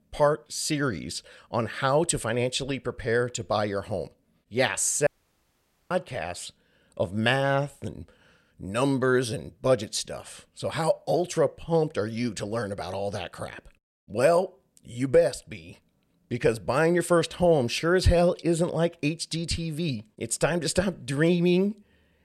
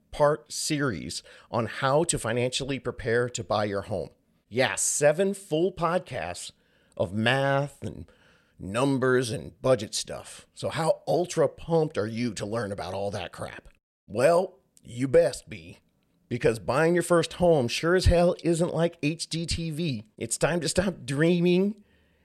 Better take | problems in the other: second | audio cutting out; at 5 s for 1 s

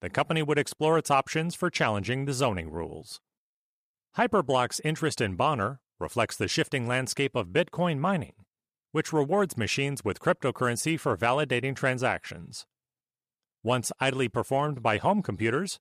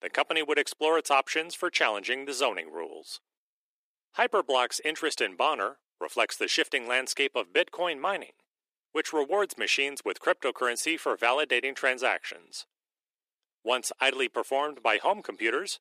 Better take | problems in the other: first | thin; very; fading below 300 Hz

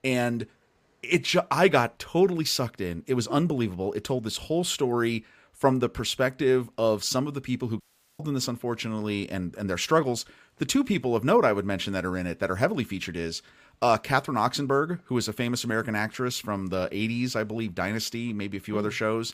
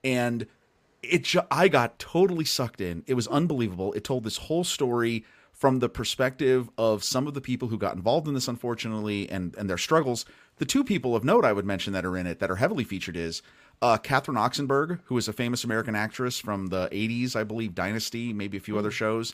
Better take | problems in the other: second | audio cutting out; at 8 s

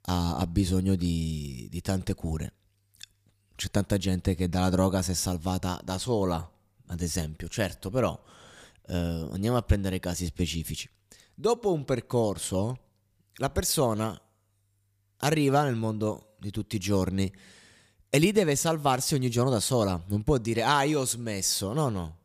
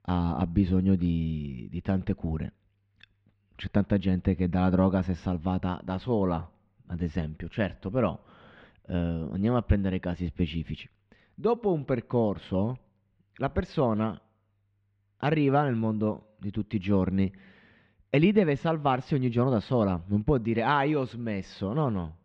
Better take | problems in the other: first | muffled; very; fading above 3 kHz

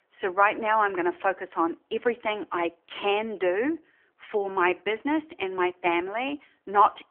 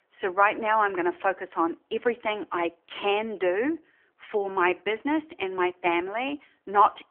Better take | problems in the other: neither | phone-call audio; nothing above 3 kHz; the same in both

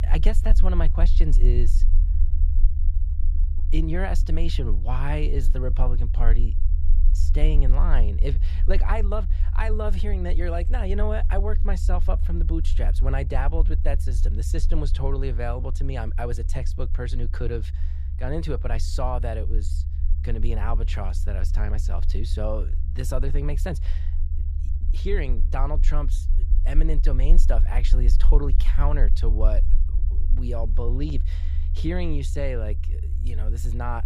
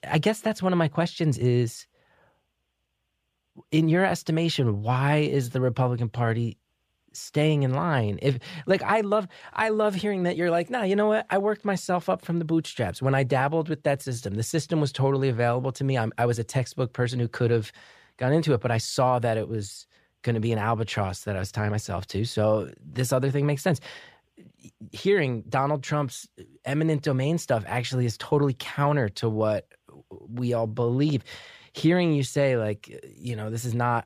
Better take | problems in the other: second | low rumble; noticeable; throughout; 15 dB below the speech

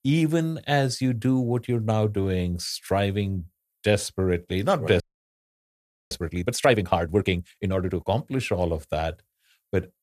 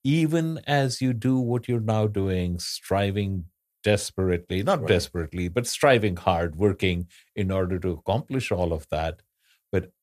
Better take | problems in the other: second | audio freezing; at 5 s for 1 s

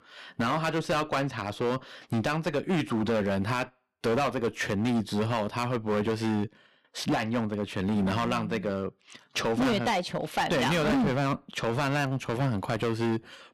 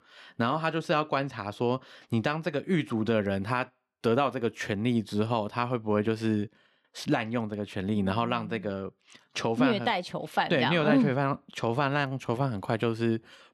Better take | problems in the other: second | distortion; heavy; 14% of the sound clipped

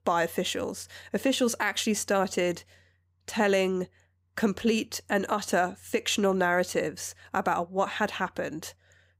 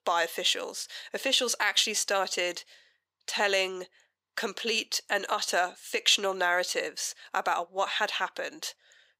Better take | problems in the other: first | thin; somewhat; fading below 500 Hz

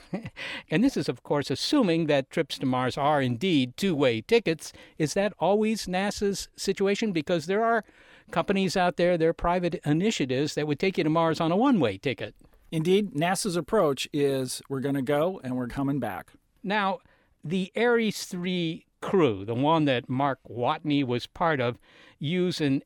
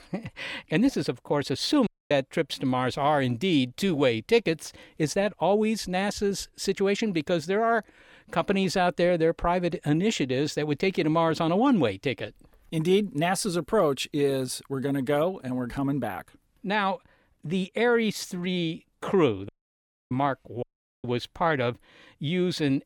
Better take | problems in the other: first | audio cutting out; at 2 s, at 19 s for 0.5 s and at 21 s

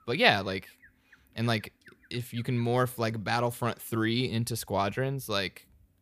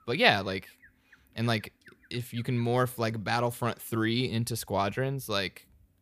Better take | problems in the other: neither | animal sounds; faint; until 3.5 s; 30 dB below the speech; the same in both

